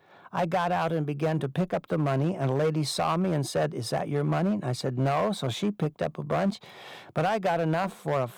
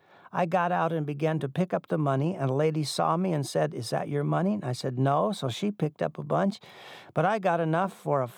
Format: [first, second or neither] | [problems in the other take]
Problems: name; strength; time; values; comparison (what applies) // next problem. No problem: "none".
second | distortion; slight; 7% of the sound clipped